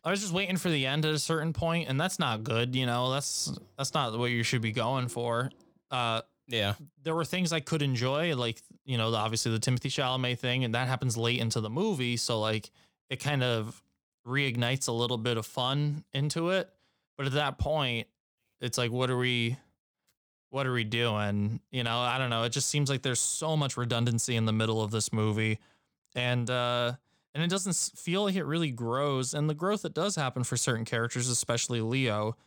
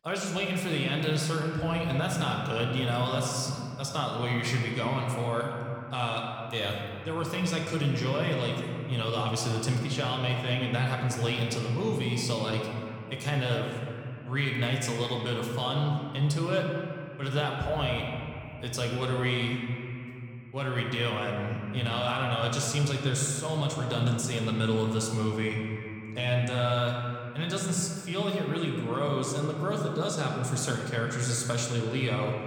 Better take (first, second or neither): first